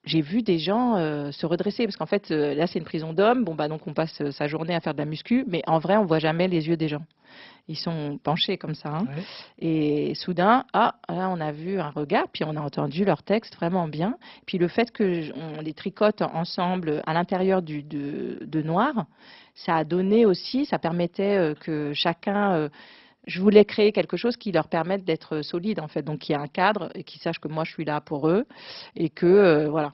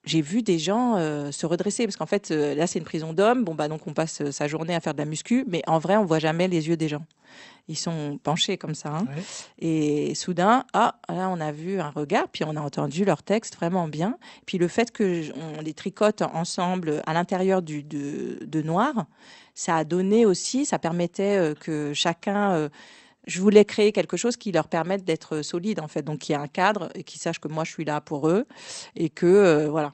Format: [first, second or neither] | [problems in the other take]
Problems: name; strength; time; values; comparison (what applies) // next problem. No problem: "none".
second | garbled, watery; badly; nothing above 5.5 kHz; slightly in the second